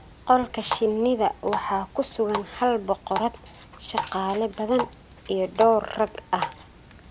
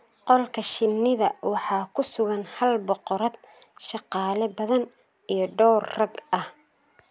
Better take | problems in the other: second | background sound (Water tap, faucet); 10 dB below the speech

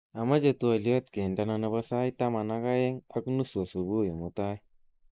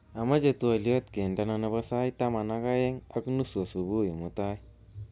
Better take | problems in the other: second | noise reduction (neural mask model Resemble Enhance denoiser)

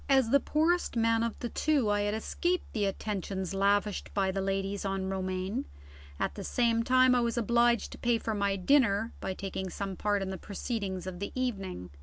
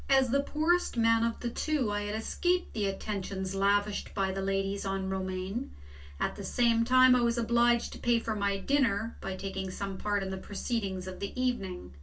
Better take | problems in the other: first | room echo; dies away in 0.2 s

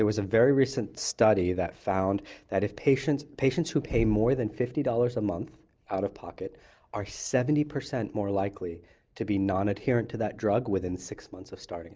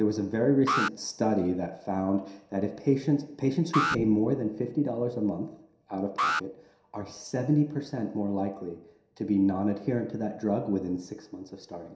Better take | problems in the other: first | background sound (Alarm); 6 dB below the speech // room echo; dies away in 0.7 s

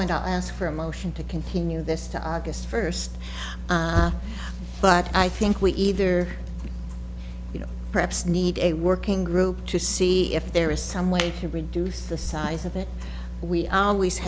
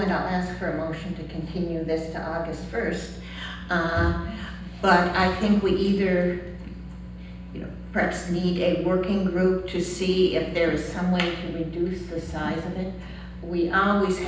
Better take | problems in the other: first | room echo; dies away in 0.9 s

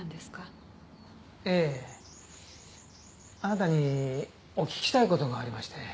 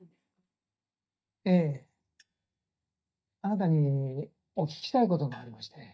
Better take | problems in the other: first | noise reduction (neural mask model DeepFilterNet 3)

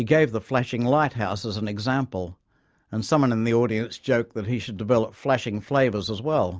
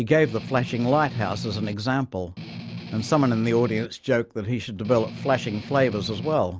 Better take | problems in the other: first | background sound (Strum); 11 dB below the speech

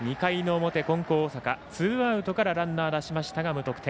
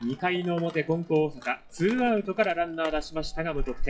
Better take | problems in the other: first | noise reduction (classical method WPE with log-MMSE)

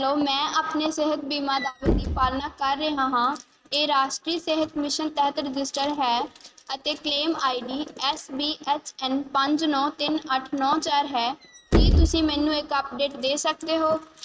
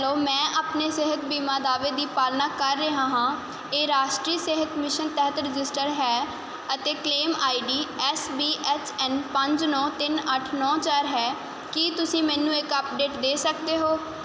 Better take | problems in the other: second | noise reduction (neural mask model RNNoise)

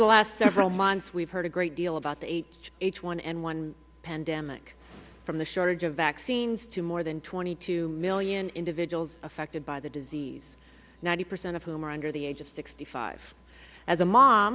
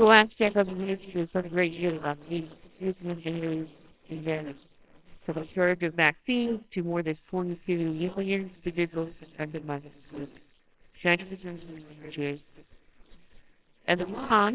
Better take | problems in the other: first | noise reduction (neural separator model SepFormer WHAMR!)

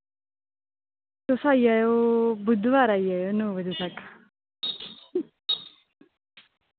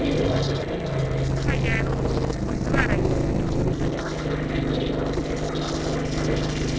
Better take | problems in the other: first | noise reduction (neural separator model SepFormer DNS4)

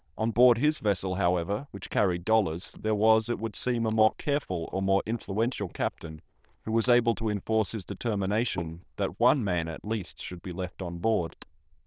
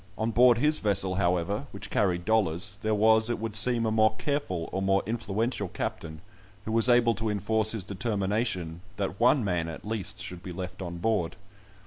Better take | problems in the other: second | noise reduction (neural diffusion model UNIVERSE++)

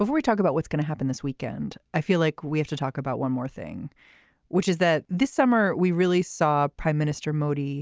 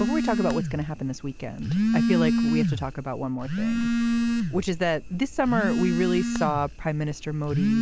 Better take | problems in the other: first | background sound (Telephone); 1 dB above the speech

